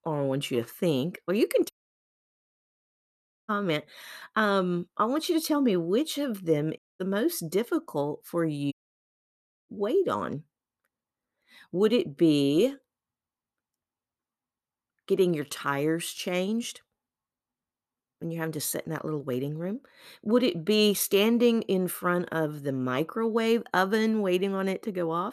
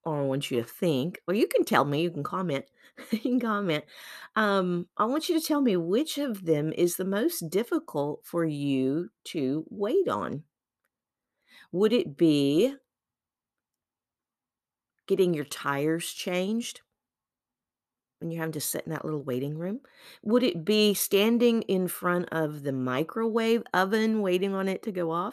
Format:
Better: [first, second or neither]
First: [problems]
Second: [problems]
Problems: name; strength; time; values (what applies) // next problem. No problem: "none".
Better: second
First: audio cutting out; at 1.5 s for 2 s, at 7 s and at 8.5 s for 1 s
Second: none